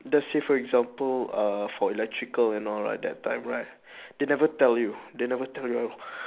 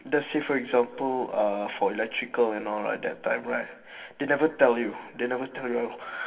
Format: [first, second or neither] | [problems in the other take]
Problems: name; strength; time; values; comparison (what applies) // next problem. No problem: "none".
first | room echo; dies away in 2.8 s